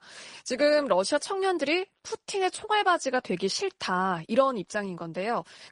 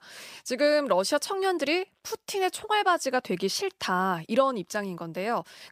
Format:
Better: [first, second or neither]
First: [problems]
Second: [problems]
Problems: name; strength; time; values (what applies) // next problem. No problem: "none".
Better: second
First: garbled, watery; slightly; nothing above 10 kHz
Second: none